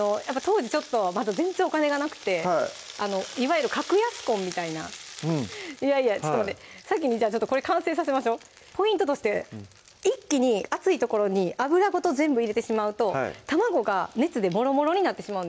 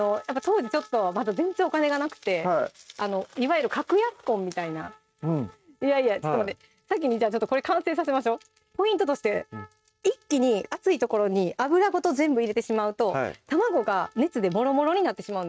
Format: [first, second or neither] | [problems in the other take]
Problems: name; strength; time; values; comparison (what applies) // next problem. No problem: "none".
first | noise reduction (neural mask model RNNoise)